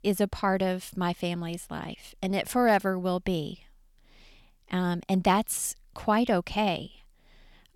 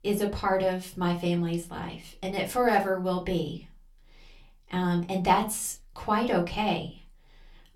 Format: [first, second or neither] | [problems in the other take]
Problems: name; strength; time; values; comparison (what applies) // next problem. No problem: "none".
first | off-mic speech; somewhat distant // room echo; very slight; dies away in 0.2 s